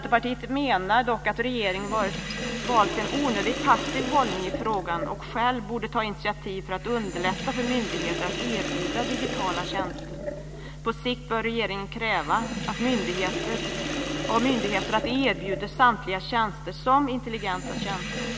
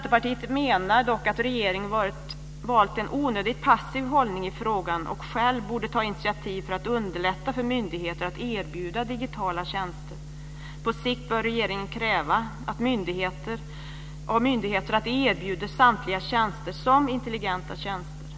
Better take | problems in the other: second | background sound (Sink (filling or washing)); 6 dB below the speech

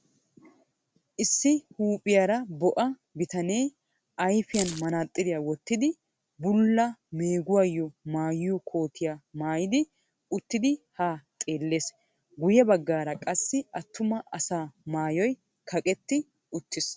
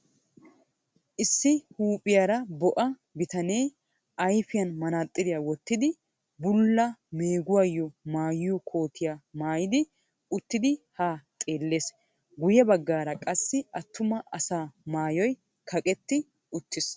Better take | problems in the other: second | background sound (Keys jangling); 8 dB below the speech

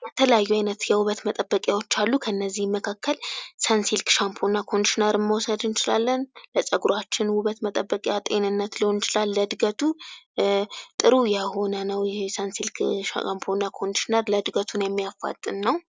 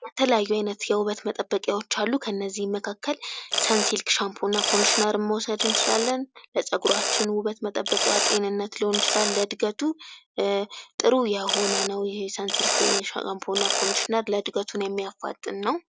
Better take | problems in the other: first | background sound (Mechanisms); 1 dB below the speech

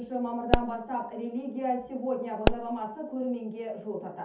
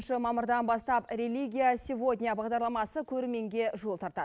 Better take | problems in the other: second | background sound (Explosion); 1 dB above the speech // room echo; dies away in 0.5 s

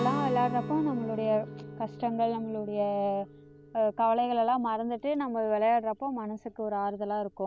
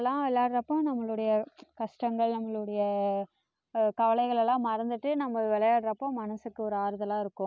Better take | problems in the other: second | background sound (Guitar); 12 dB below the speech

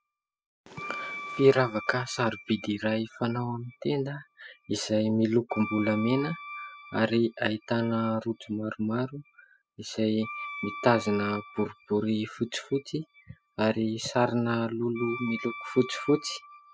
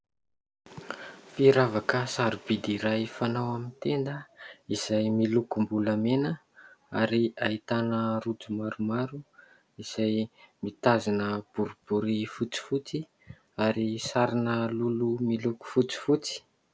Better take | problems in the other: second | noise reduction (classical method spectral subtraction)

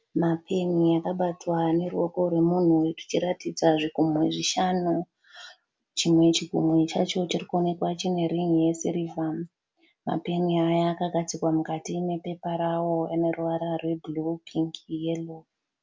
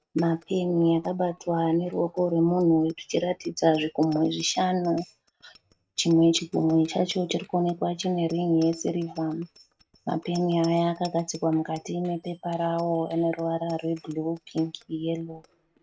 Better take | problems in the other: first | noise reduction (neural mask model RNNoise)

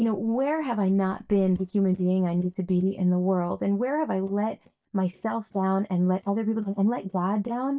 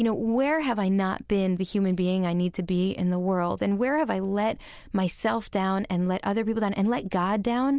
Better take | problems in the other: second | noise reduction (neural mask model DeepFilterNet 3)

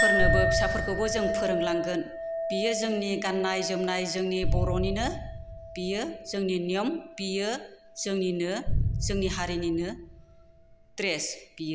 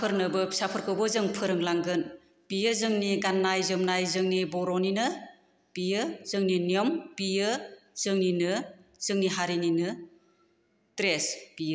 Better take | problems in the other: second | background sound (Chink, clink + Boom); as loud as the speech

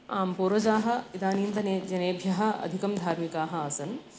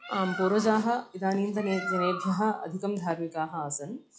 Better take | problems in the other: first | noise reduction (classical method log-MMSE)

